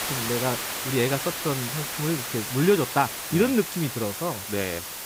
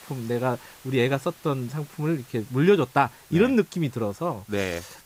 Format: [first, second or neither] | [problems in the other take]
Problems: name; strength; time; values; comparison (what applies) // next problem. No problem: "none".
second | hiss; loud; throughout; 4 dB below the speech; faint in the second